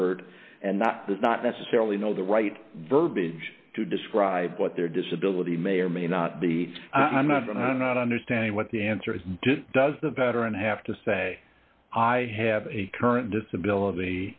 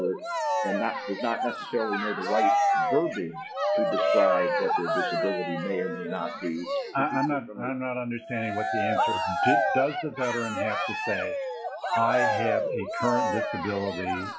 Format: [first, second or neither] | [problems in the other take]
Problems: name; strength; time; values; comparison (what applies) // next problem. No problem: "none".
first | noise reduction (classical method log-MMSE)